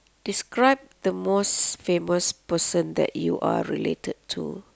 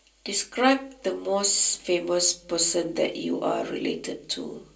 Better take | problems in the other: first | room echo; dies away in 0.3 s

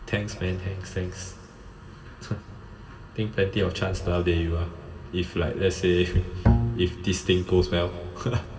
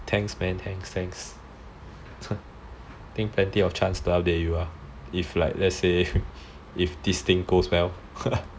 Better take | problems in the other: second | background sound (Bowed string instrument); 2 dB above the speech // room echo; dies away in 1.8 s

